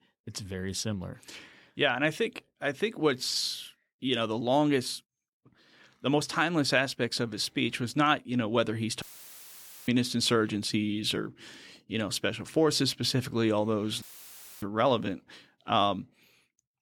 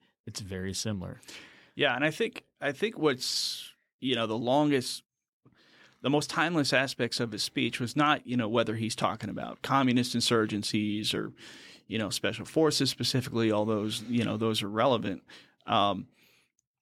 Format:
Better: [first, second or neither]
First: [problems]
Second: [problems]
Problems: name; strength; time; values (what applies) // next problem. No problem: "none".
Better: second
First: audio cutting out; filled with static; at 9 s for 1 s and at 14 s for 0.5 s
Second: none